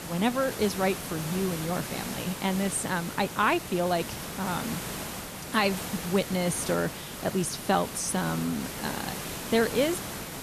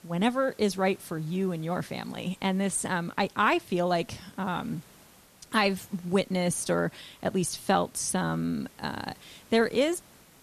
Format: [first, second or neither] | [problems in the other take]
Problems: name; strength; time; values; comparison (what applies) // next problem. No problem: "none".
second | hiss; loud; throughout; 7 dB below the speech; faint in the second